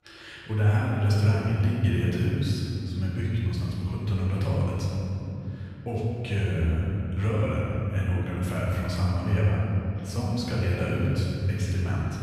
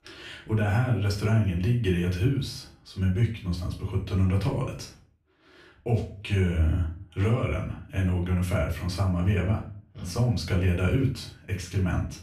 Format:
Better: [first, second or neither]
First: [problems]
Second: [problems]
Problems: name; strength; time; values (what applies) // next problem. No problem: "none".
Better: second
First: room echo; strong; dies away in 3 s // off-mic speech; far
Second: room echo; slight; dies away in 0.4 s // off-mic speech; far